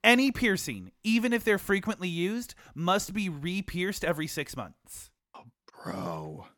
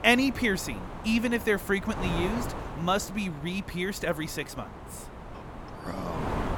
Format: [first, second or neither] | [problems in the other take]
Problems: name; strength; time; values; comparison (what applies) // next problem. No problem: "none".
first | wind noise on the microphone; heavy; 10 dB below the speech